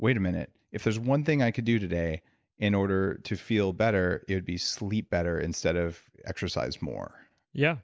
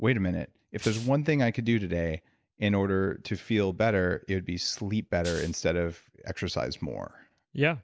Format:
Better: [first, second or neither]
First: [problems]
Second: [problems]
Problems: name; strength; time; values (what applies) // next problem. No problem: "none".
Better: first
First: none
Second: background sound (Rattle (instrument)); 14 dB below the speech